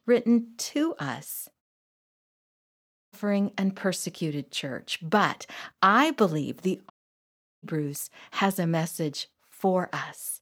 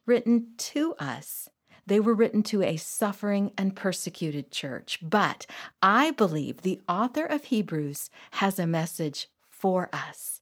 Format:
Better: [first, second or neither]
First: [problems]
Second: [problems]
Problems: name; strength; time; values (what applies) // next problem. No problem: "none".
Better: second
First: audio cutting out; at 1.5 s for 1.5 s and at 7 s for 0.5 s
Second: none